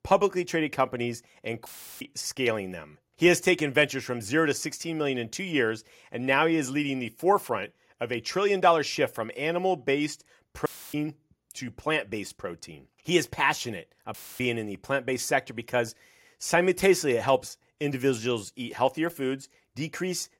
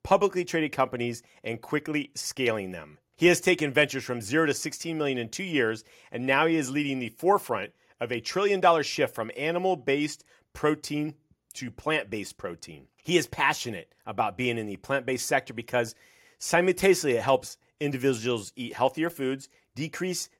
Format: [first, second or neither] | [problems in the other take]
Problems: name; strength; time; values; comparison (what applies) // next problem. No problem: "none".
second | audio cutting out; filled with static; at 1.5 s, at 11 s and at 14 s